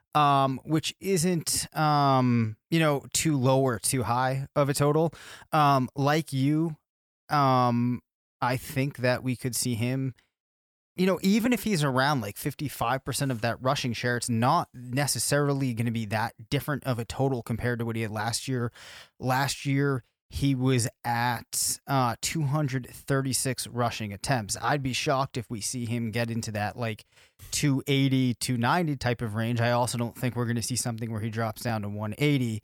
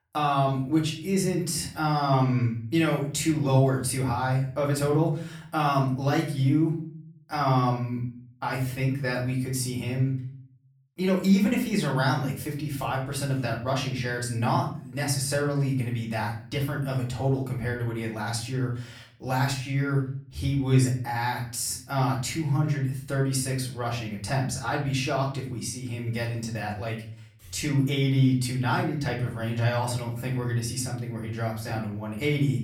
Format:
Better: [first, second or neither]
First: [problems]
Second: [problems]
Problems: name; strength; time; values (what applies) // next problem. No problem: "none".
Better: first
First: none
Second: off-mic speech; far // room echo; slight; dies away in 0.5 s